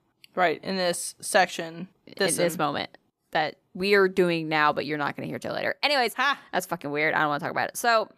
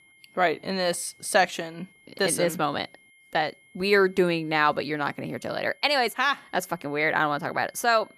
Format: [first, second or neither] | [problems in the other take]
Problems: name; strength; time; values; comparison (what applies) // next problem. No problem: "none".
first | high-pitched whine; faint; throughout; 2 kHz, 30 dB below the speech